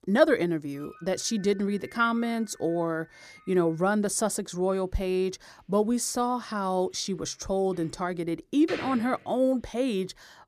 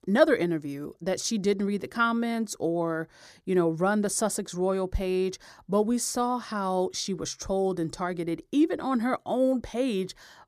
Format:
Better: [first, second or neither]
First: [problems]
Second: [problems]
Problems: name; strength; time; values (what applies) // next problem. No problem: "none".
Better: second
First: door banging; noticeable; from 1 to 9 s; peak 10 dB below the speech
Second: none